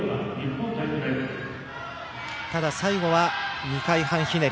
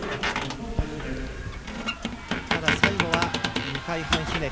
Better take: first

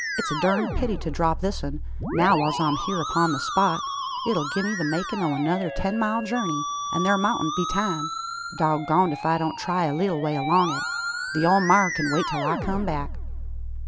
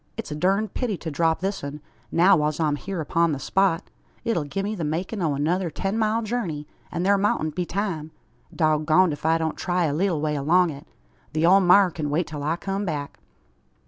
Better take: second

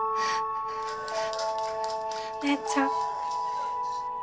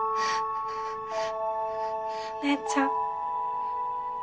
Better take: second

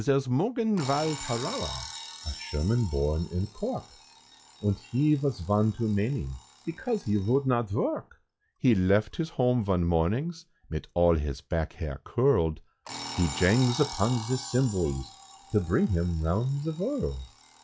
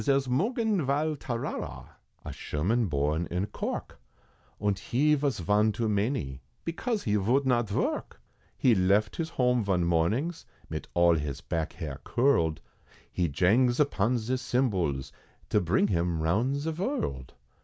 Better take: second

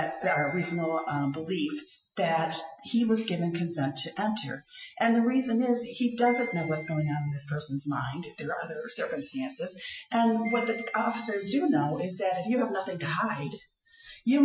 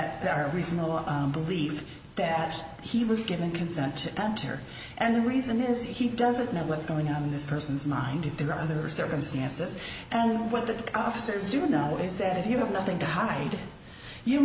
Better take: second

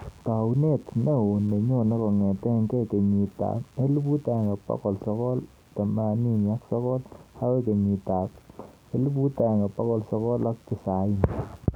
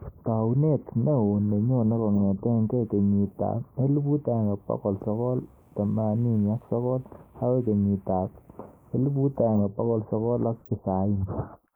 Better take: first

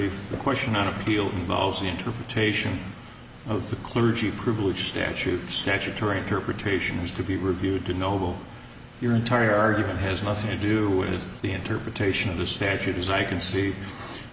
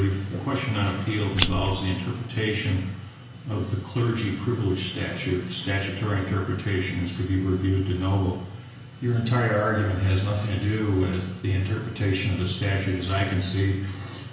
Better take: first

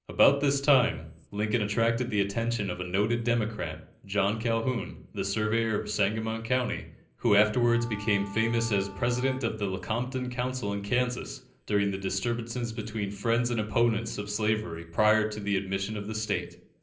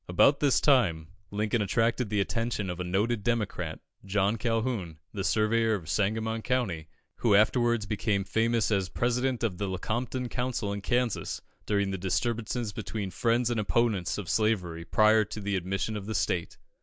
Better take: second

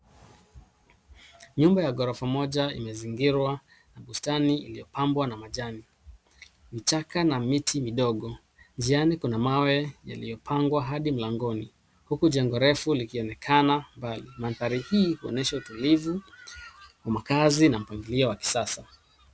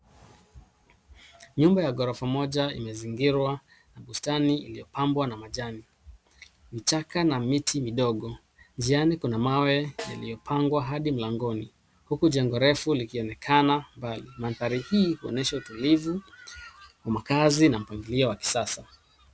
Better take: first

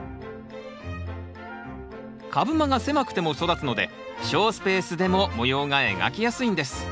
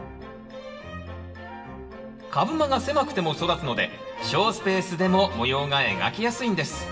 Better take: first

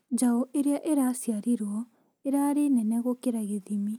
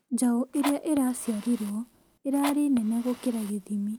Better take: first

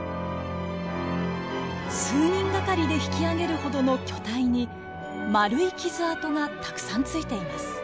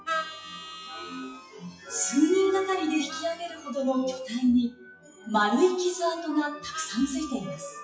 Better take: first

